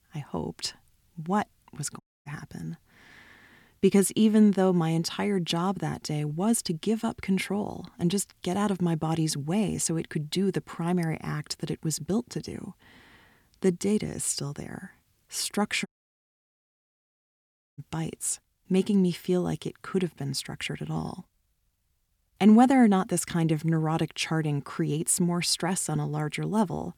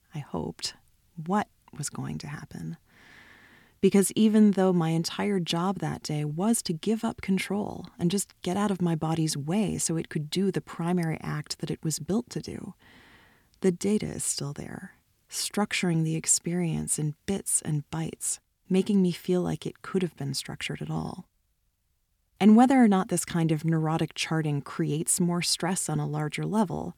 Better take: second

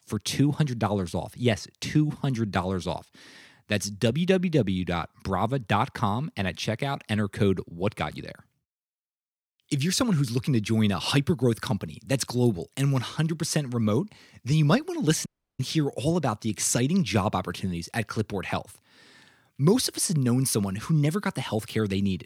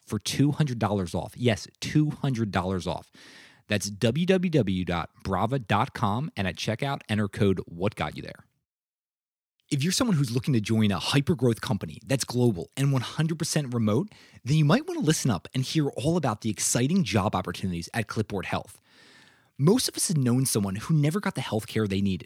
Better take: second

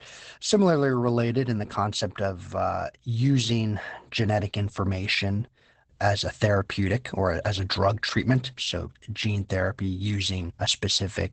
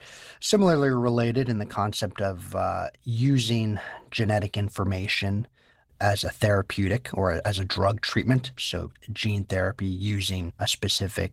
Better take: second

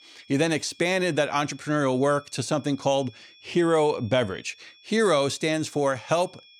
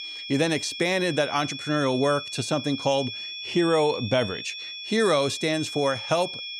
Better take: first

